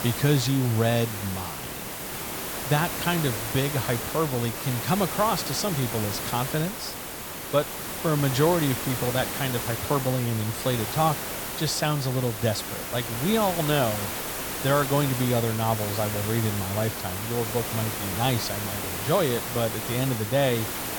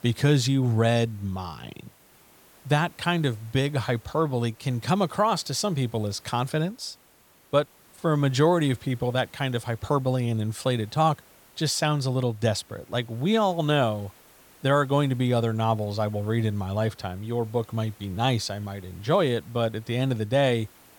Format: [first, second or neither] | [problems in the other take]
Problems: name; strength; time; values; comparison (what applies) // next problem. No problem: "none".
second | hiss; loud; throughout; 4 dB below the speech; faint in the second